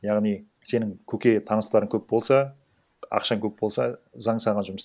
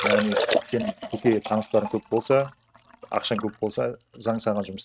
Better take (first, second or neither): first